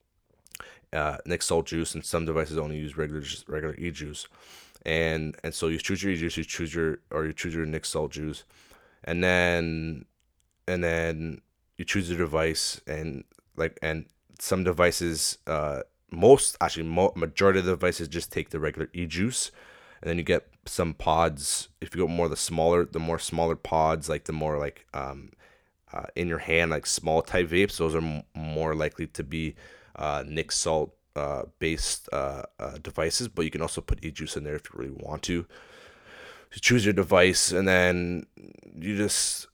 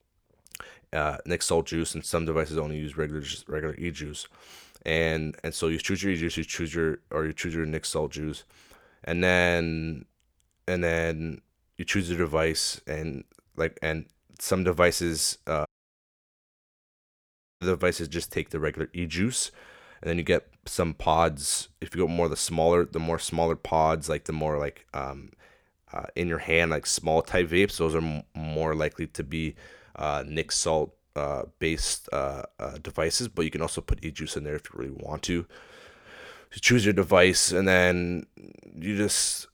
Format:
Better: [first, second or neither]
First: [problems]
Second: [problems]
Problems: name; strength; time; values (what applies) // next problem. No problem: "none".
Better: first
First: none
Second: audio cutting out; at 16 s for 2 s